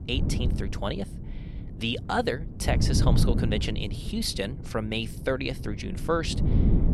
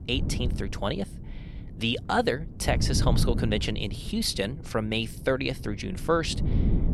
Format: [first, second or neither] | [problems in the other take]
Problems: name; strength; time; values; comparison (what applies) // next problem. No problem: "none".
second | wind noise on the microphone; heavy; 9 dB below the speech; occasional gusts in the second